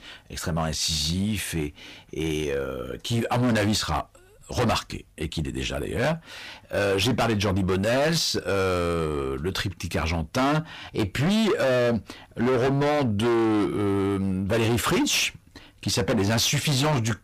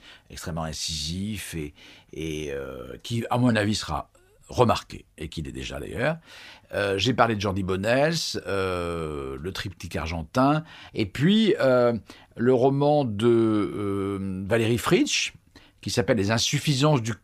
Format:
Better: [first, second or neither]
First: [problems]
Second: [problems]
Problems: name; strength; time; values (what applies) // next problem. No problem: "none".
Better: second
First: distortion; heavy; 19% of the sound clipped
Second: none